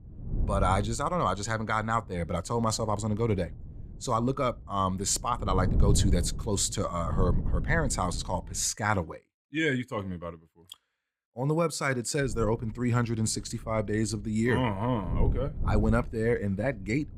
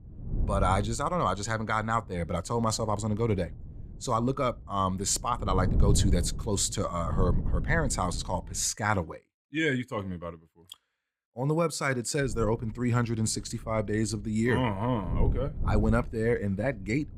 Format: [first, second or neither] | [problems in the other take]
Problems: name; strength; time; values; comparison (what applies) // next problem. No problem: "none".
neither | wind noise on the microphone; occasional gusts; until 8.5 s and from 12 s on; 15 dB below the speech; the same in both